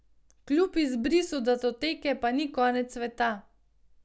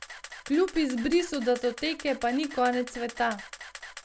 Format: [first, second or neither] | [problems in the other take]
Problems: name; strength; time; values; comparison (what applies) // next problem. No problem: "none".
first | background sound (Camera); 15 dB below the speech